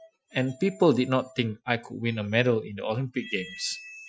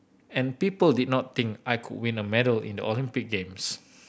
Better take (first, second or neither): second